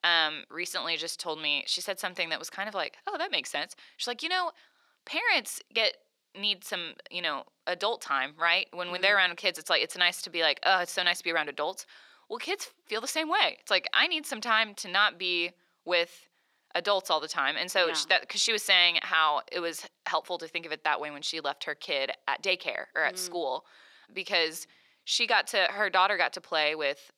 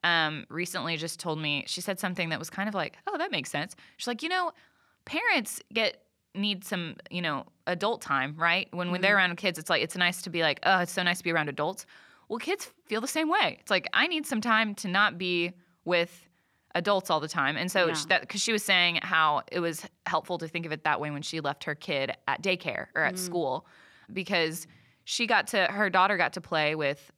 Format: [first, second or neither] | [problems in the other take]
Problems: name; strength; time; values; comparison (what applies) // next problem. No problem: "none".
second | thin; somewhat; fading below 450 Hz